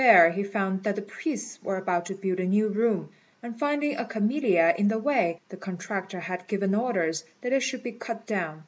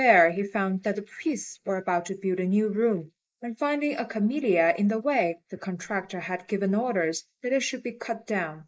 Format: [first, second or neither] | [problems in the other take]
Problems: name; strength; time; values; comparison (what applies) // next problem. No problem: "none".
first | noise reduction (neural mask model Resemble Enhance denoiser)